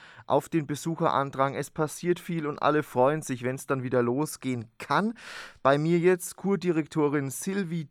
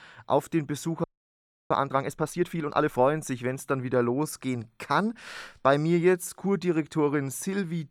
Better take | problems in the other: first | audio freezing; at 1 s for 0.5 s

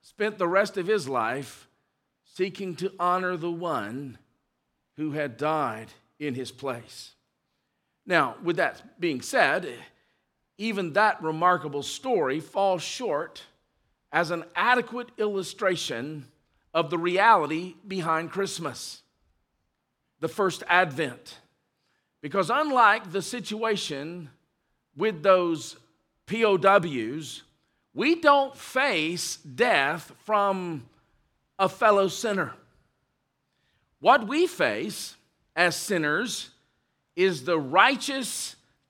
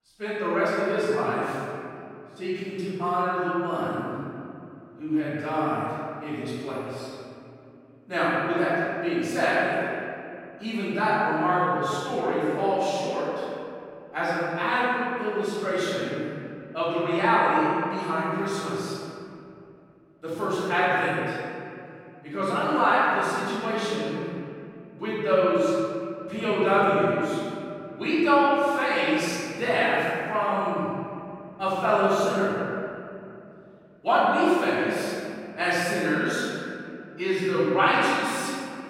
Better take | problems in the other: first | off-mic speech; far // room echo; strong; dies away in 2.4 s

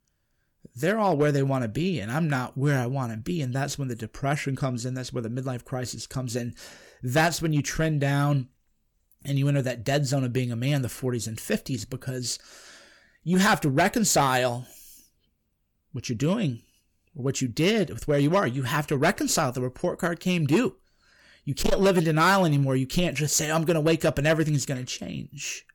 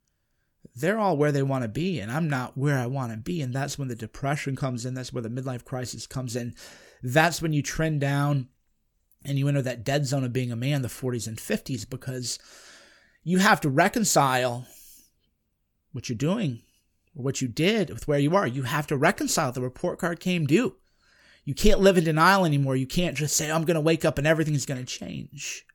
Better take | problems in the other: second | distortion; slight; 2% of the sound clipped

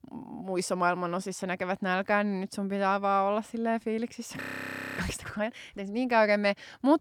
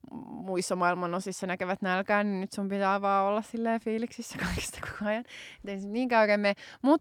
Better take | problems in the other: second | audio freezing; at 4.5 s for 0.5 s

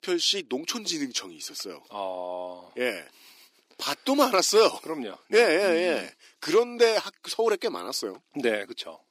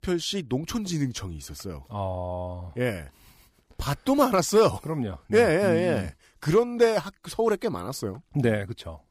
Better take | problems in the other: second | thin; very slightly; fading below 300 Hz

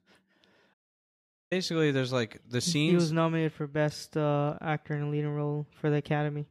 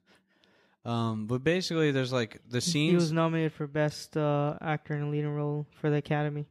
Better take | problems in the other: second | audio cutting out; at 0.5 s for 1 s

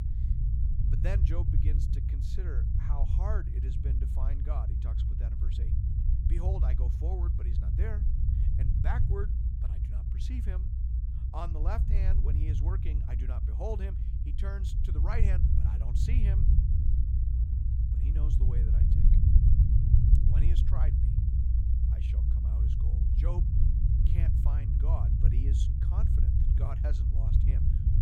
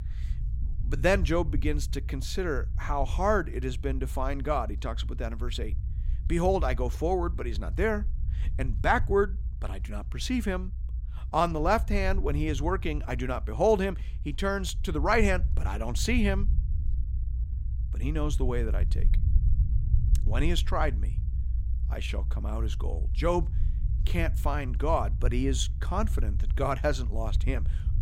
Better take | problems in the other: second | low rumble; loud; throughout; as loud as the speech; faint in the second

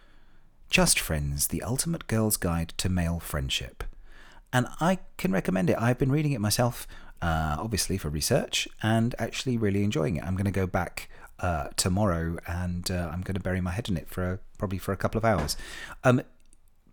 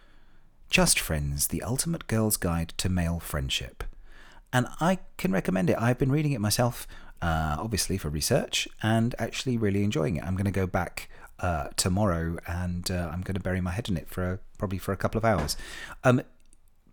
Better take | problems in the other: neither | none

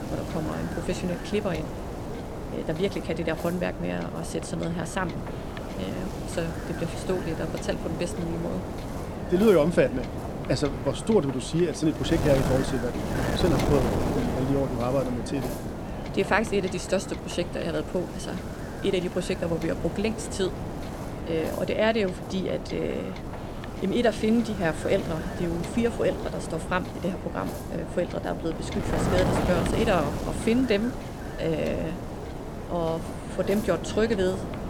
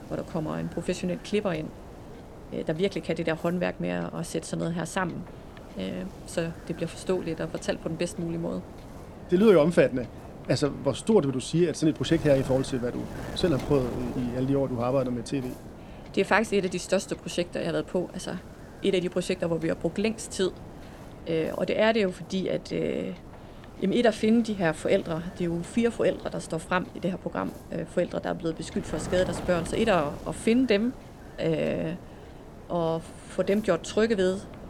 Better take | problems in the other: second | wind noise on the microphone; heavy; 6 dB below the speech; occasional gusts in the second

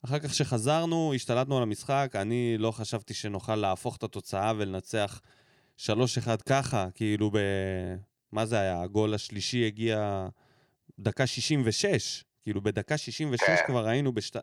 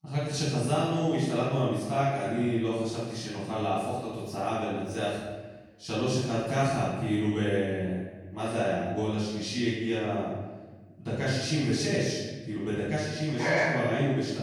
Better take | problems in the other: first | off-mic speech; far // room echo; strong; dies away in 1.2 s

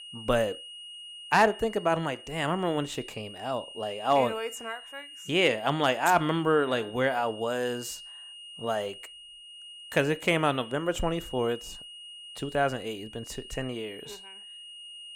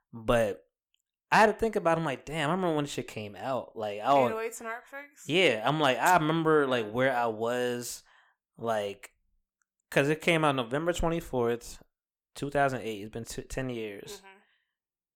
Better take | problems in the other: second | high-pitched whine; noticeable; throughout; 3 kHz, 15 dB below the speech

